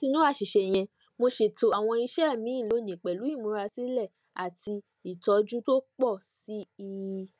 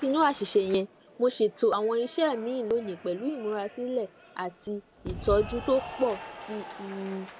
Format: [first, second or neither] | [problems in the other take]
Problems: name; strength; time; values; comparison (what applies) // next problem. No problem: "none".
first | background sound (Applause / Cheering); 14 dB below the speech